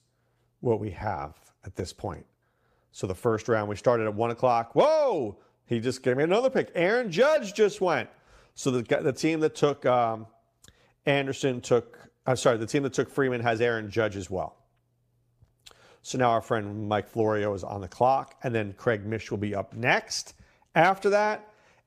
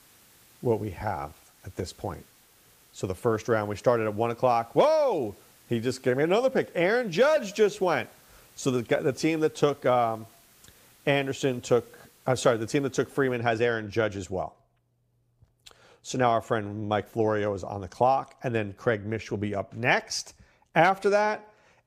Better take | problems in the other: first | hiss; faint; until 13 s; 30 dB below the speech

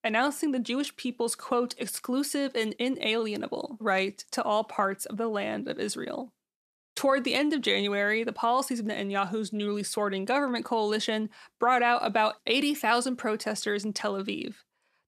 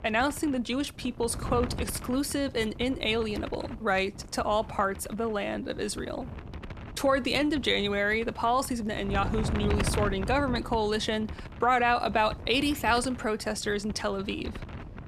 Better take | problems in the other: first | wind noise on the microphone; occasional gusts; 15 dB below the speech

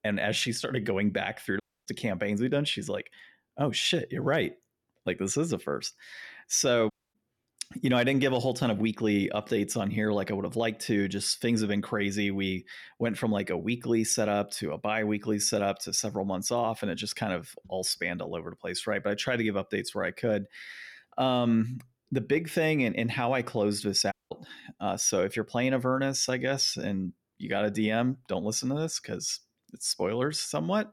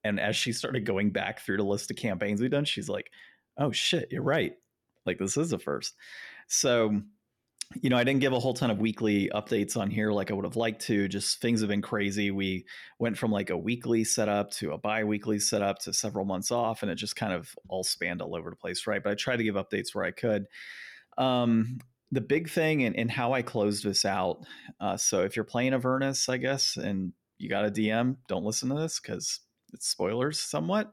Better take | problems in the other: second | audio cutting out; at 1.5 s, at 7 s and at 24 s

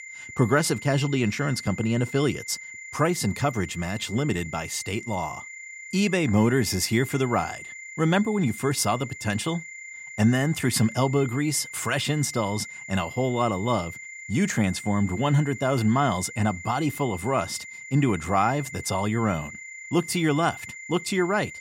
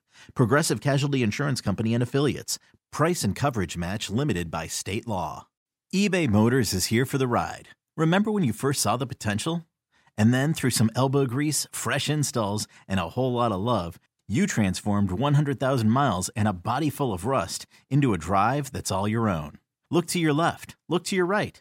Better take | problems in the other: second | high-pitched whine; noticeable; throughout; 2 kHz, 15 dB below the speech

